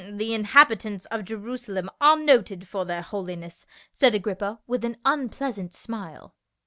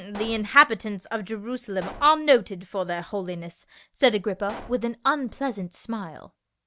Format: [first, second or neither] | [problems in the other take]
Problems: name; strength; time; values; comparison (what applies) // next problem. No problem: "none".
first | background sound (Explosion); 18 dB below the speech